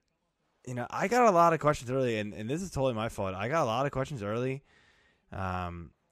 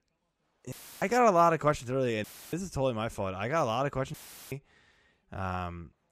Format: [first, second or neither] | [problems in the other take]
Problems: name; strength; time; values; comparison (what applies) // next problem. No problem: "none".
first | audio cutting out; filled with static; at 0.5 s, at 2 s and at 4 s